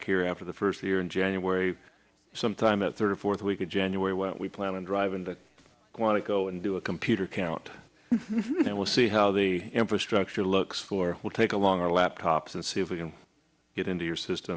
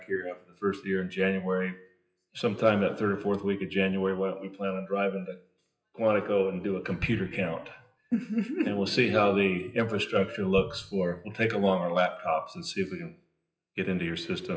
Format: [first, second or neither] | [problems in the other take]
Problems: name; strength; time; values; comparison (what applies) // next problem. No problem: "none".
first | noise reduction (classical method WPE with log-MMSE)